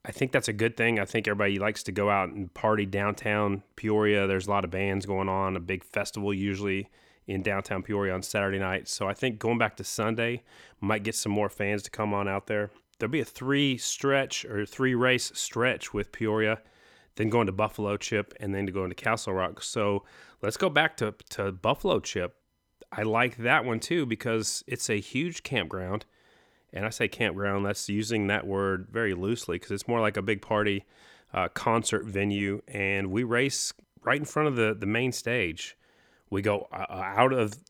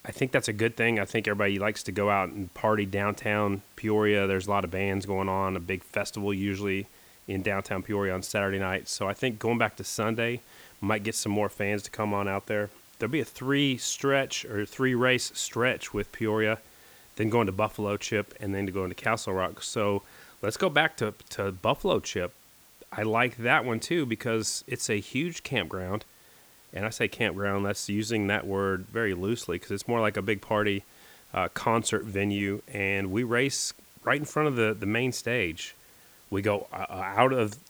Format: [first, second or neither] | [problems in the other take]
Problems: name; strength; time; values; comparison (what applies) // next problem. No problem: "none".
first | hiss; faint; throughout; 25 dB below the speech